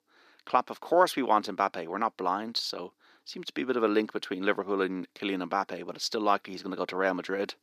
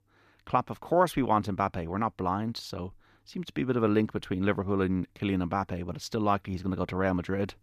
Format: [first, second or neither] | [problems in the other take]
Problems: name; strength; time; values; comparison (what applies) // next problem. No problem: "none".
second | thin; somewhat; fading below 300 Hz